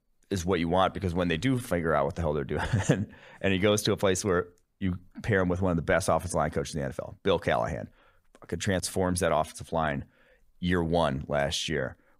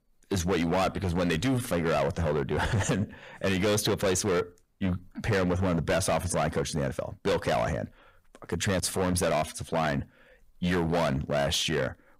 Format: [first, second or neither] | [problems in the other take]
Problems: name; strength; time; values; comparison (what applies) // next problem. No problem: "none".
first | distortion; heavy; 15% of the sound clipped